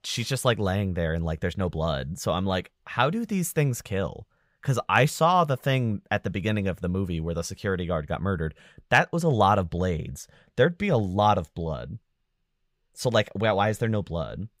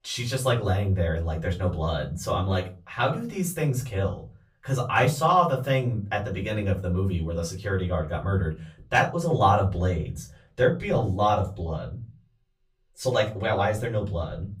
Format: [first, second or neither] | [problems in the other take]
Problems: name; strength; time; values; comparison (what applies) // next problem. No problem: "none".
first | off-mic speech; far // room echo; very slight; dies away in 0.3 s